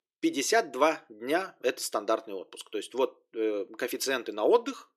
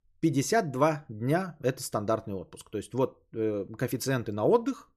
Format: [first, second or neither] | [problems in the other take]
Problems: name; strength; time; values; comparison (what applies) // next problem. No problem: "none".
second | thin; somewhat; fading below 350 Hz